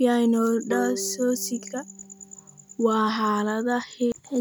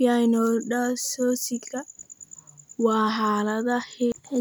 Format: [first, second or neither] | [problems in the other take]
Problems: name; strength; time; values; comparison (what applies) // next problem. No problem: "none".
second | background sound (Bowed string instrument); 14 dB below the speech